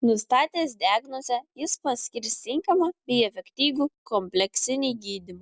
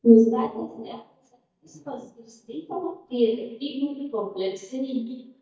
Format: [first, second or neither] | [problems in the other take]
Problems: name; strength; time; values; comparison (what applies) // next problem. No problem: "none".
first | noise reduction (neural mask model DeepFilterNet 3)